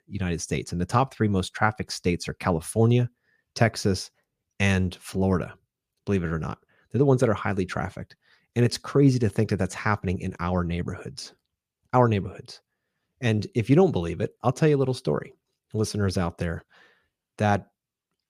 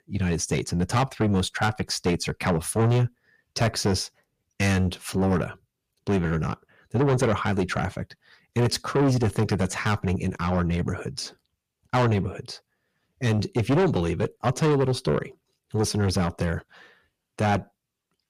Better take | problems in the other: first | distortion; heavy; 6 dB below the speech

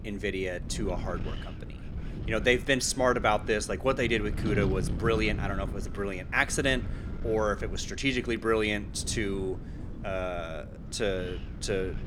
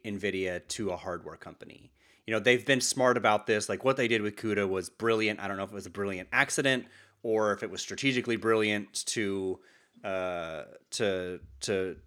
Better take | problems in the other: second | wind noise on the microphone; occasional gusts; 15 dB below the speech

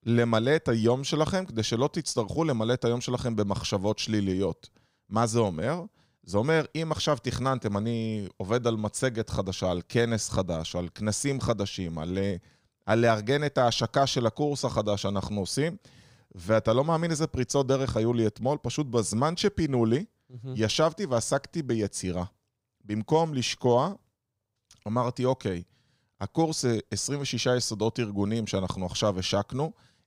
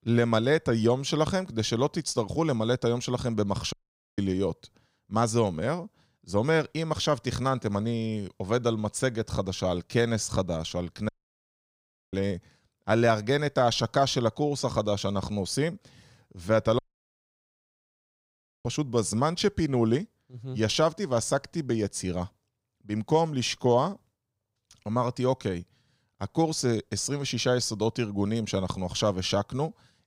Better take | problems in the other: first | audio cutting out; at 3.5 s, at 11 s for 1 s and at 17 s for 2 s

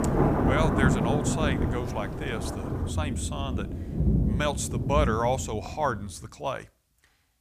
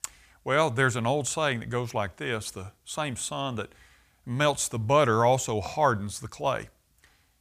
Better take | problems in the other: second | rain or running water; very loud; until 6 s; 3 dB above the speech

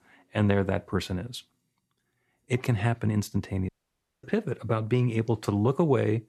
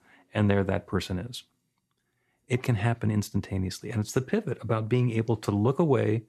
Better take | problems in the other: second | audio cutting out; at 3.5 s for 0.5 s

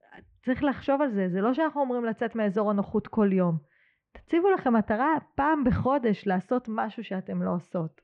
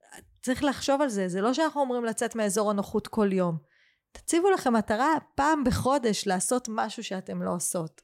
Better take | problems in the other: second | muffled; very; fading above 2.5 kHz

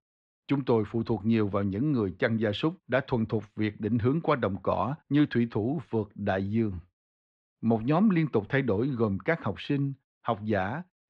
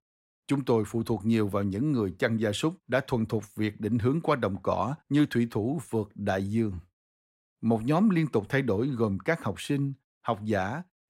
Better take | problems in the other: second | muffled; slightly; fading above 4 kHz

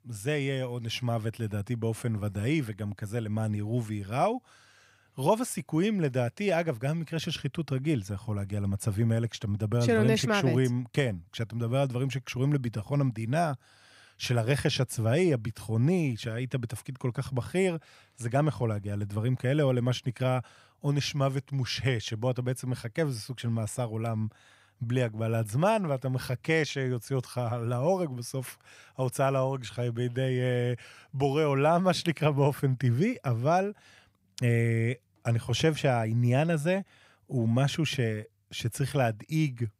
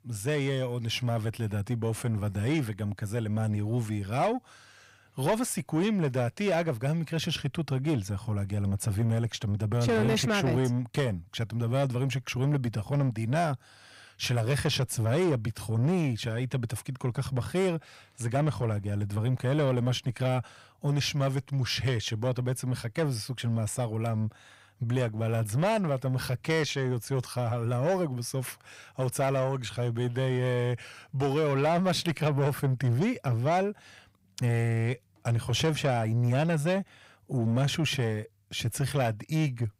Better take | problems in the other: first | distortion; slight; 10 dB below the speech

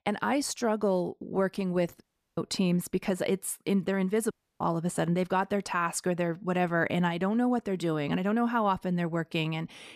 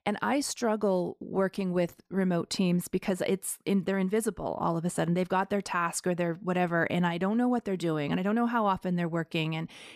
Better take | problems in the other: second | audio cutting out; at 2 s and at 4.5 s

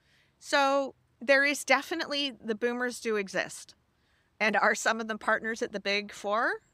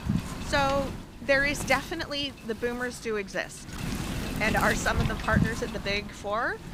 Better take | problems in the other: first | wind noise on the microphone; occasional gusts; 10 dB below the speech

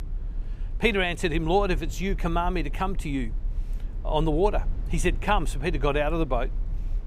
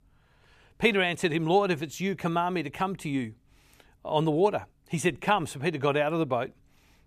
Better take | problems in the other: second | low rumble; faint; throughout; 25 dB below the speech

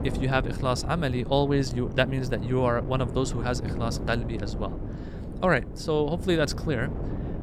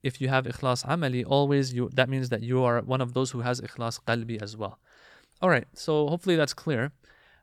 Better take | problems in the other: second | wind noise on the microphone; occasional gusts; 15 dB below the speech

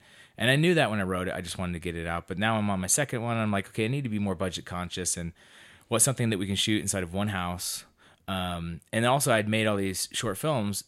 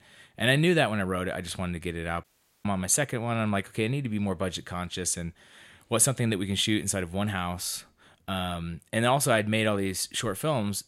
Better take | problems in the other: first | audio cutting out; at 2 s

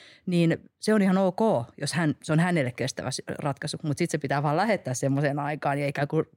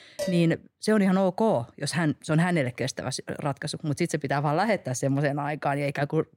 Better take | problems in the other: first | clattering dishes; noticeable; at the start; peak 8 dB below the speech

